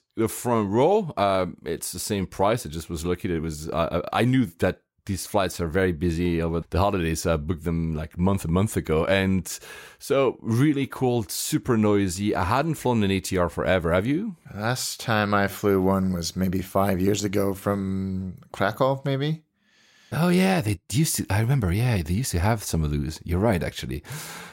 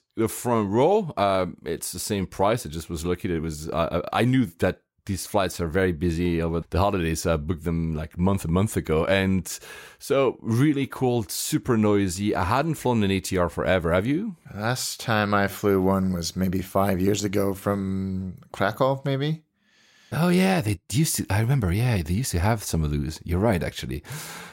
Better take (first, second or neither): neither